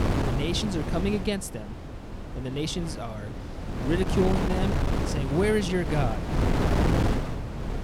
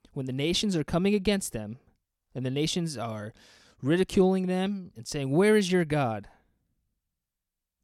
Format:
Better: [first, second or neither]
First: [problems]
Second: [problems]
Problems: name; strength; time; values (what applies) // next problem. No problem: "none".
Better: second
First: wind noise on the microphone; heavy; 2 dB below the speech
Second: none